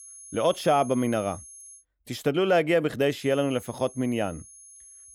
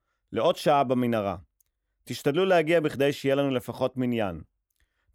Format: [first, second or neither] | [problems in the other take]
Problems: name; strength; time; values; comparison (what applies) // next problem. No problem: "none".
second | high-pitched whine; noticeable; until 2 s and from 3 s on; 10.5 kHz, 20 dB below the speech